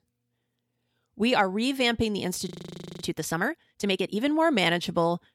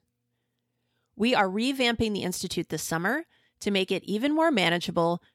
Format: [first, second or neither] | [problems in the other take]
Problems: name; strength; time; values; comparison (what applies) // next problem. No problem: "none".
second | audio freezing; at 2.5 s for 0.5 s